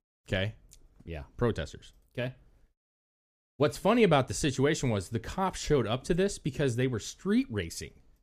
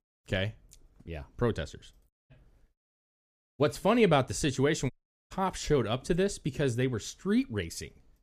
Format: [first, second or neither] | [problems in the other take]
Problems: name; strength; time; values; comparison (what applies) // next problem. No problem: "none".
first | audio cutting out; at 2 s and at 5 s